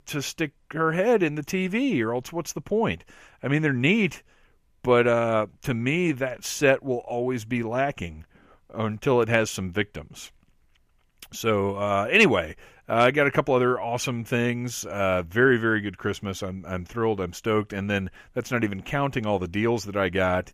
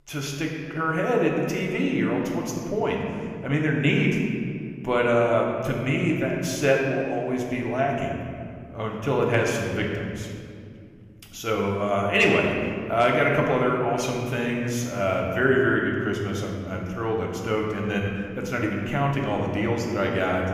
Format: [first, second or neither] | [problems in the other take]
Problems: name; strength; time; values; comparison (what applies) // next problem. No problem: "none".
first | room echo; noticeable; dies away in 2 s // off-mic speech; somewhat distant